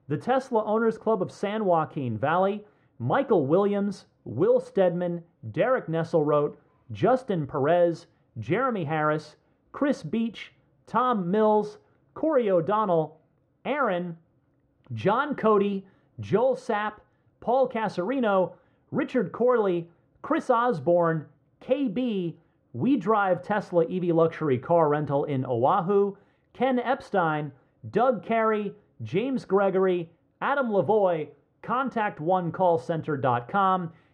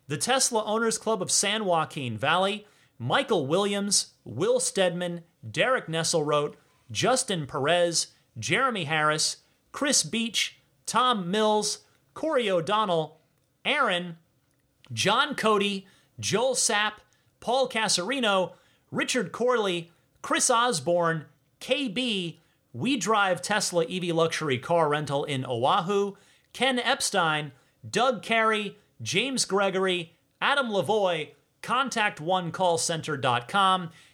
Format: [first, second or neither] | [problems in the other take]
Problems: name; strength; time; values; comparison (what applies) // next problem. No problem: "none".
second | muffled; very; fading above 3 kHz